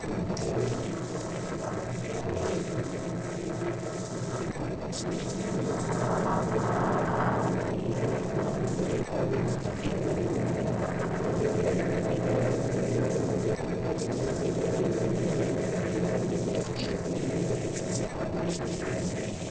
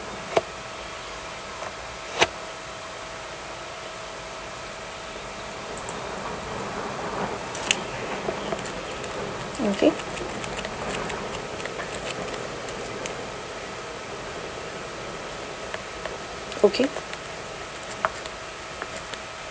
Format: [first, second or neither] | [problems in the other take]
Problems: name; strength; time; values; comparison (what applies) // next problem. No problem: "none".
second | noise reduction (neural separator model SepFormer DNS4)